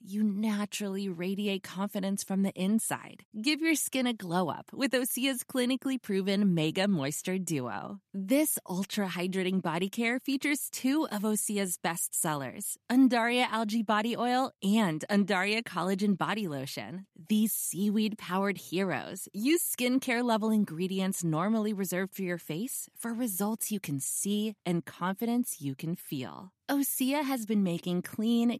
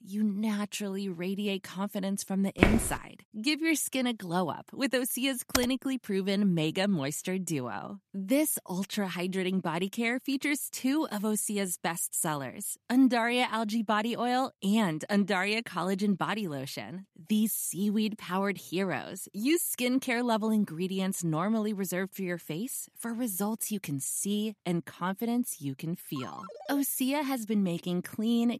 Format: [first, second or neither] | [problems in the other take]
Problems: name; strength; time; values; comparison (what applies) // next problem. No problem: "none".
first | footsteps; loud; at 2.5 s; peak 4 dB above the speech // keyboard typing; noticeable; at 5.5 s; peak 2 dB below the speech // phone ringing; faint; at 26 s; peak 15 dB below the speech